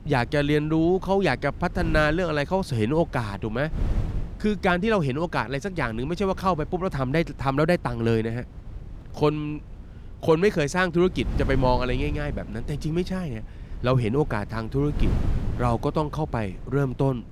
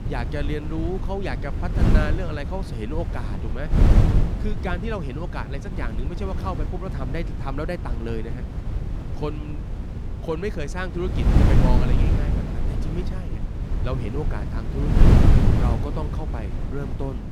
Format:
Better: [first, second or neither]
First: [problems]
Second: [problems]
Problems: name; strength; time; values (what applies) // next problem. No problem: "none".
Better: first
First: wind noise on the microphone; occasional gusts; 20 dB below the speech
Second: wind noise on the microphone; heavy; 1 dB below the speech